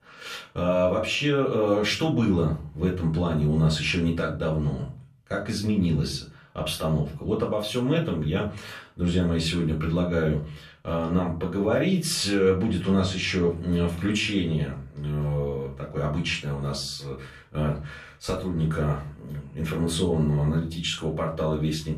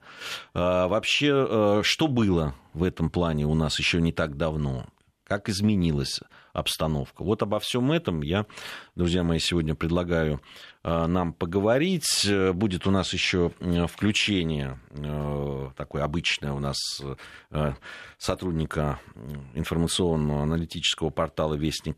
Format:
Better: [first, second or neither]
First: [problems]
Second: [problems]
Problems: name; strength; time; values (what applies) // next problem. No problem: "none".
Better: second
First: off-mic speech; far // room echo; slight; dies away in 0.3 s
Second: none